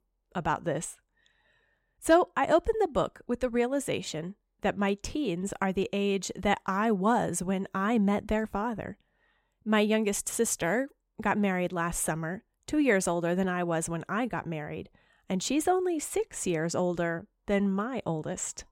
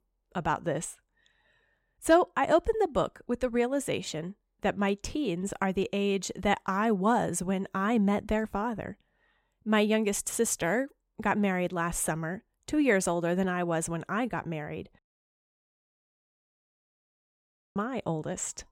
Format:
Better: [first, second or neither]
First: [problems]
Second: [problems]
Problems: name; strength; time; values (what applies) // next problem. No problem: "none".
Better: first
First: none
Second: audio cutting out; at 15 s for 3 s